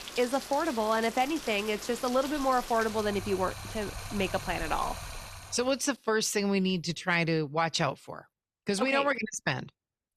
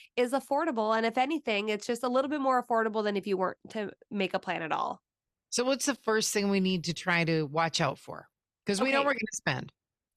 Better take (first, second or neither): second